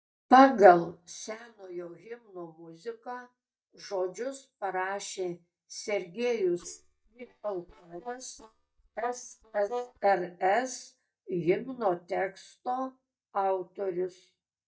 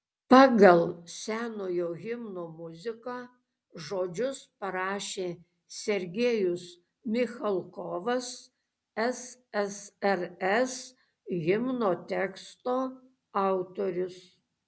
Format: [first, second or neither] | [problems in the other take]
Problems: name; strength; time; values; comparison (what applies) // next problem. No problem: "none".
second | noise reduction (neural mask model DeepFilterNet 3)